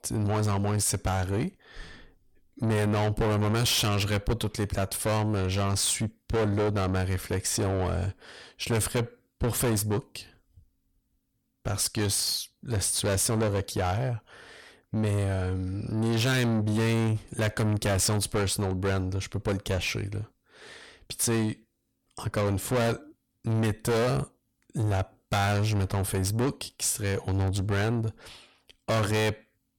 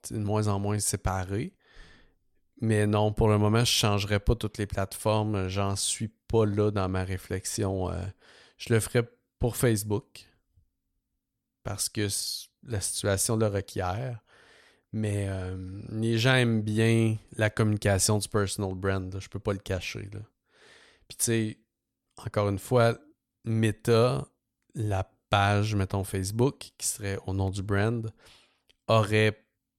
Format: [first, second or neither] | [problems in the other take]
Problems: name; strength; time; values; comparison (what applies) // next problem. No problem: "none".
second | distortion; heavy; 6 dB below the speech